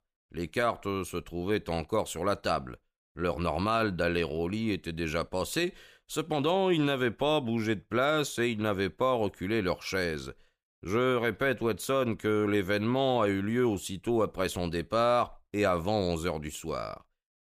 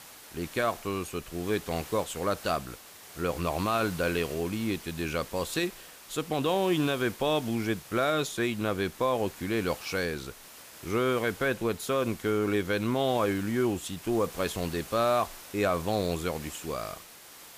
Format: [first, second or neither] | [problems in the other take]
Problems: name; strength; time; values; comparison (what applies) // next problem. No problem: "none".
first | hiss; noticeable; throughout; 15 dB below the speech